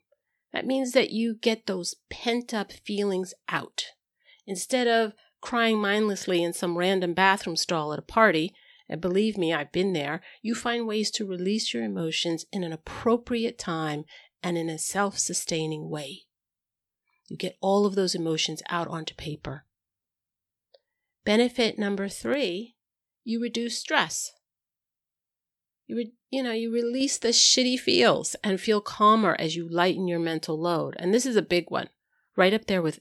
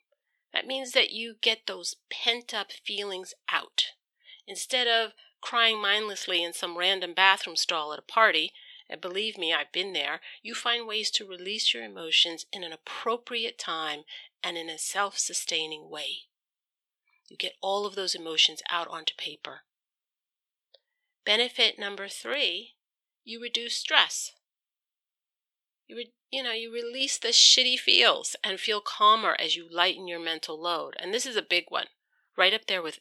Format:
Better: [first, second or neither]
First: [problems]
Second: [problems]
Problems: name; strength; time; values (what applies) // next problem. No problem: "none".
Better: first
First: none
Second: thin; very; fading below 550 Hz